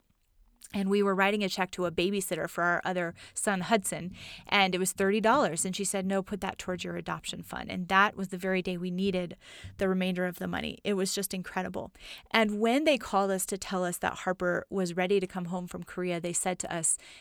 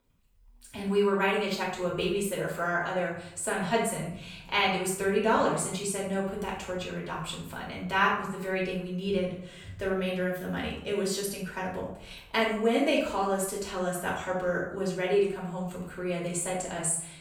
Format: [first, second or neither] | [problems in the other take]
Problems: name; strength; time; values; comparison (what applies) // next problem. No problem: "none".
first | room echo; noticeable; dies away in 0.6 s // off-mic speech; far